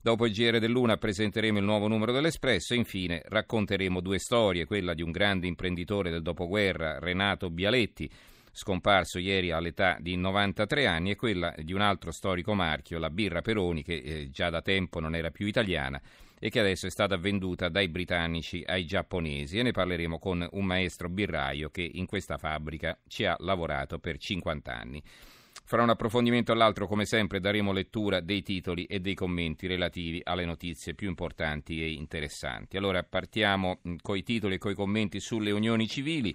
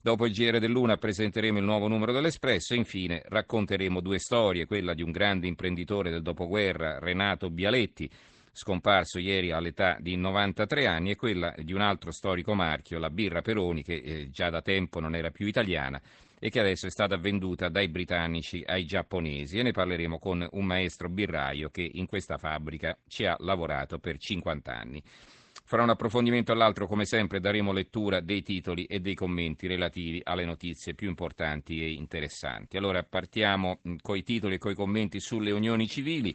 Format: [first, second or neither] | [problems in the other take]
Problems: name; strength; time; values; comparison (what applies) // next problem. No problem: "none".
first | garbled, watery; badly; nothing above 8 kHz